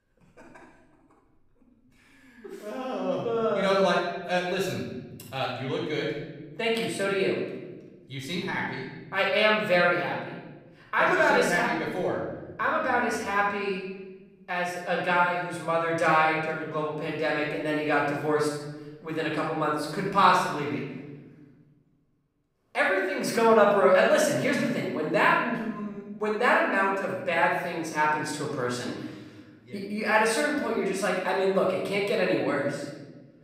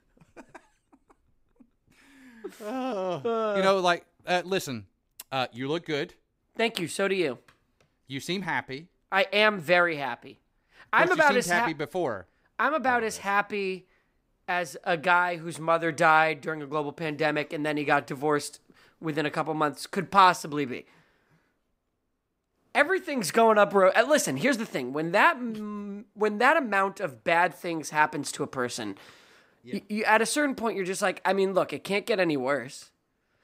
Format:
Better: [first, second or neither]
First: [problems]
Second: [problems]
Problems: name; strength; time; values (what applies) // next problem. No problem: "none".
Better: second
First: off-mic speech; far // room echo; noticeable; dies away in 1.4 s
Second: none